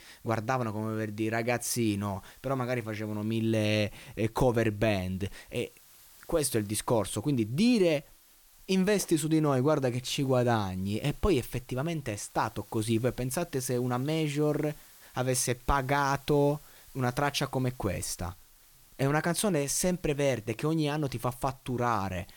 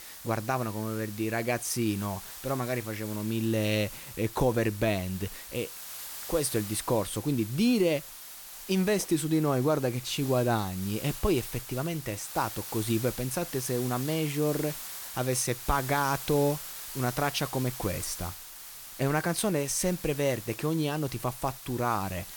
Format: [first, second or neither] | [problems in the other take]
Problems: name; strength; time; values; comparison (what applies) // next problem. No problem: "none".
first | hiss; loud; throughout; 10 dB below the speech; faint in the first